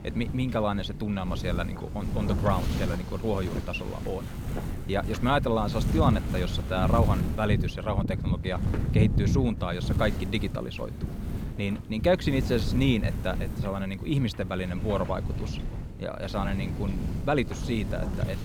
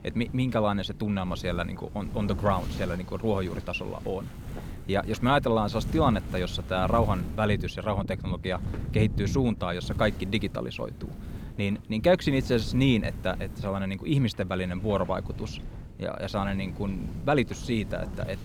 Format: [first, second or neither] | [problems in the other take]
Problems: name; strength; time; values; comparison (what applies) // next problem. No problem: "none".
second | wind noise on the microphone; heavy; 9 dB below the speech; occasional gusts in the second